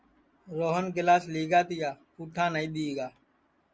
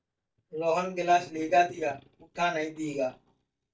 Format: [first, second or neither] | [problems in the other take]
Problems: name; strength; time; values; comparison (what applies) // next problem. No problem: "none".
first | noise reduction (neural mask model DeepFilterNet 3)